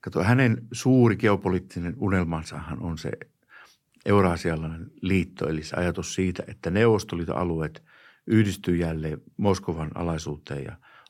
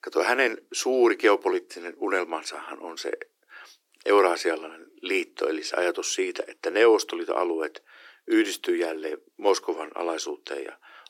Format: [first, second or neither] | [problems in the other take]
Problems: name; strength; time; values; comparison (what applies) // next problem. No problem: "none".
first | thin; very; fading below 300 Hz